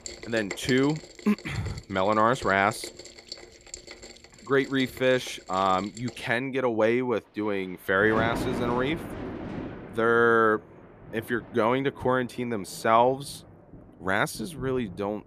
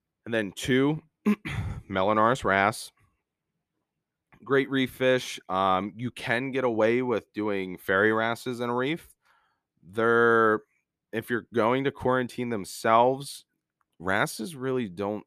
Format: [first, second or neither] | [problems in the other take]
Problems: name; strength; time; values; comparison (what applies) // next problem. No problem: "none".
second | rain or running water; noticeable; throughout; 15 dB below the speech